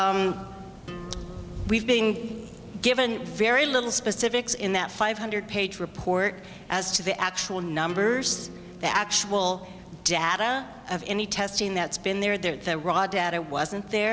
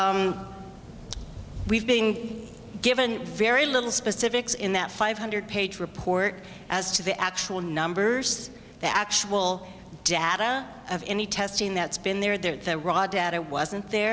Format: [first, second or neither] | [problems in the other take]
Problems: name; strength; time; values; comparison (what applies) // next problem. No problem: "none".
second | background sound (Acoustic guitar); 17 dB below the speech